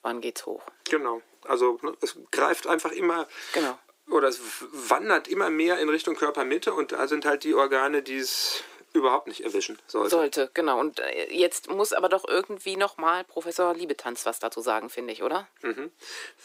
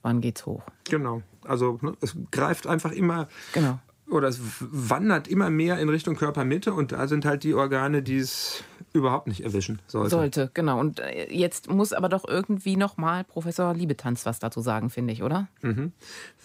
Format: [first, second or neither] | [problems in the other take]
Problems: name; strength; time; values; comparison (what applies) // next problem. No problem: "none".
second | thin; very; fading below 350 Hz